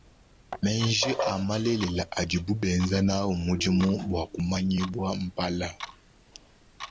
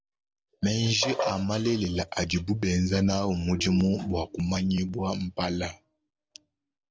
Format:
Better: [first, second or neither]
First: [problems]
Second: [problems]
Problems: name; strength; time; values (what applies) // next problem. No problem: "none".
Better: second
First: background sound (Clock); 18 dB below the speech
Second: none